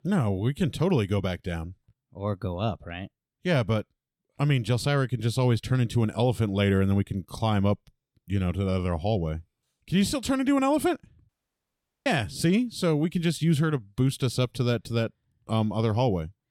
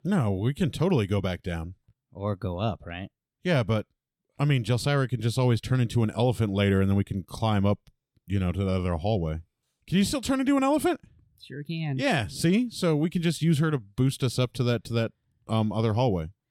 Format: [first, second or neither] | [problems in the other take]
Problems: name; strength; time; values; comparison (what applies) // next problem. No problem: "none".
second | audio cutting out; at 11 s for 1 s